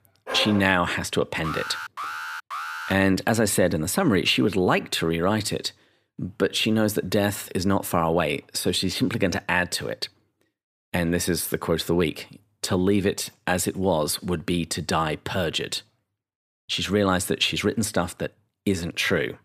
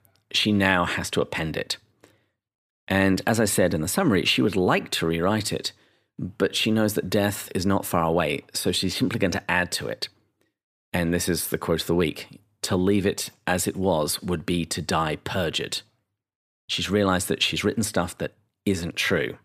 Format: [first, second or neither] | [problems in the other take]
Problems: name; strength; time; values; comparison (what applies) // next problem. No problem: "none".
second | dog barking; noticeable; at 0.5 s; peak 6 dB below the speech // alarm; noticeable; from 1.5 to 3 s; peak 7 dB below the speech